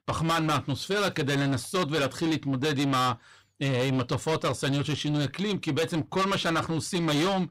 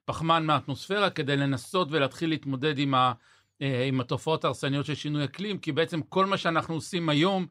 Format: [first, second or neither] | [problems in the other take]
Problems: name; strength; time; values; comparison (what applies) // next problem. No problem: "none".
second | distortion; heavy; 7 dB below the speech